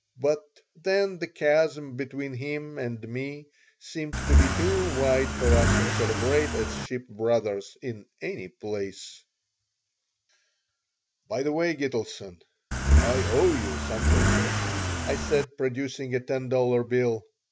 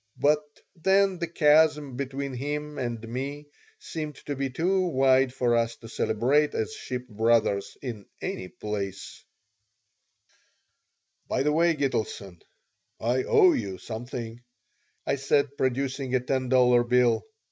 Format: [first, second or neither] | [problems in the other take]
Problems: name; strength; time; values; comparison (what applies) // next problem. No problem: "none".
second | background sound (Accelerating, revving, vroom / Car); 5 dB above the speech